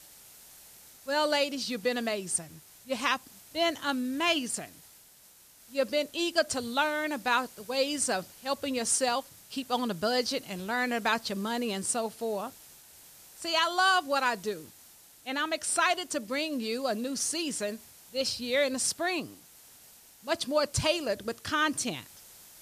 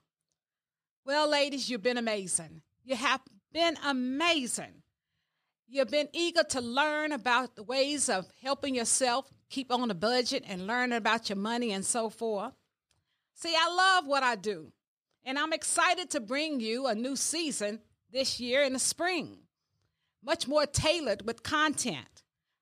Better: second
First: hiss; faint; throughout; 20 dB below the speech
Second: none

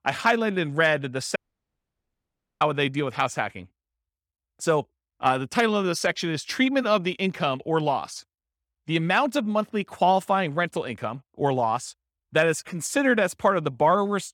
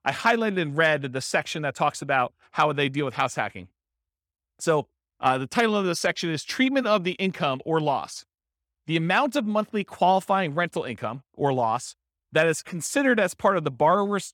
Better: second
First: audio cutting out; at 1.5 s for 1 s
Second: none

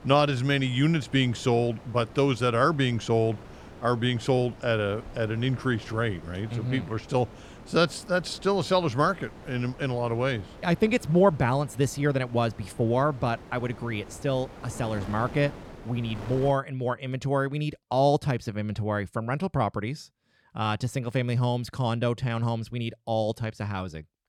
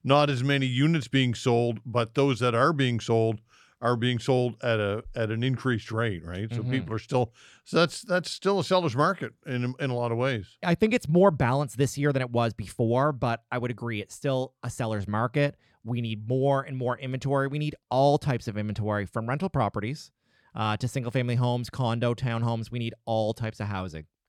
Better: second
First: wind noise on the microphone; occasional gusts; until 17 s; 20 dB below the speech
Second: none

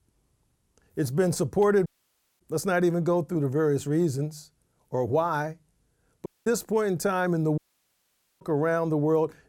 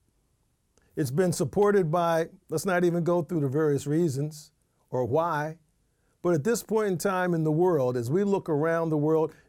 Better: second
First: audio cutting out; at 2 s for 0.5 s, at 6.5 s and at 7.5 s for 1 s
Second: none

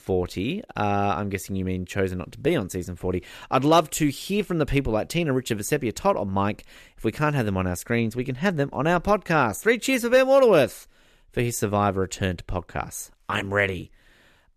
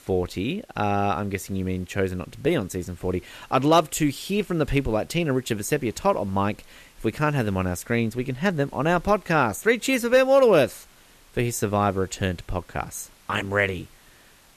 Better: first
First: none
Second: hiss; faint; throughout; 30 dB below the speech

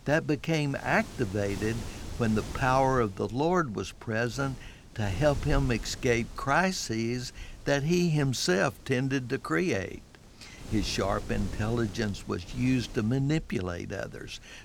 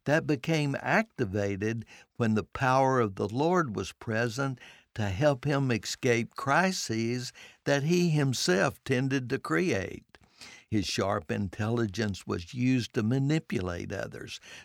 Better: second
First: wind noise on the microphone; occasional gusts; 20 dB below the speech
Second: none

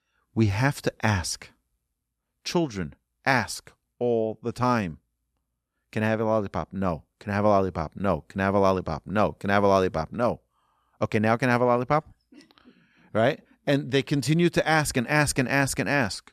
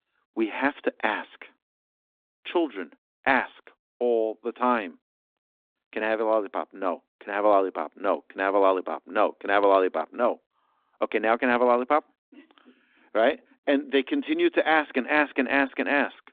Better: first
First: none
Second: phone-call audio

